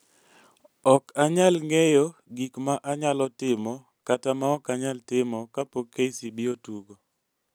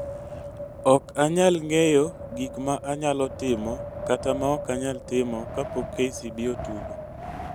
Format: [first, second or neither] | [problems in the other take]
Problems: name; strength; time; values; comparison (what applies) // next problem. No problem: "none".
first | background sound (Wind); 10 dB below the speech